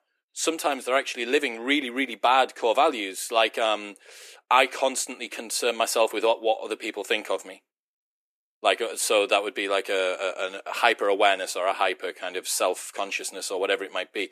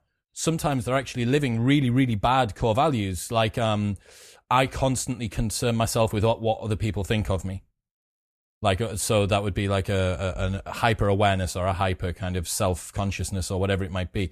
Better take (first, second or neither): second